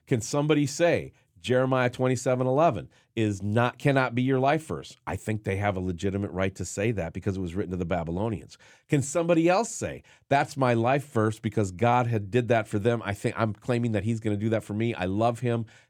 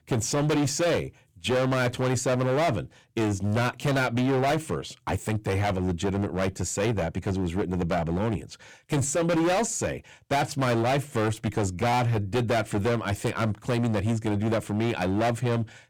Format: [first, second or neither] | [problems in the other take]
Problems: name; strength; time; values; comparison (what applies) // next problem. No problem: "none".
first | distortion; heavy; 20% of the sound clipped